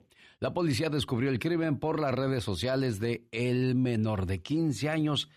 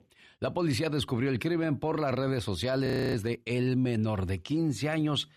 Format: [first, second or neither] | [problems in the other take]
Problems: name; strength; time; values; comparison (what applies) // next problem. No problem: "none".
first | audio freezing; at 3 s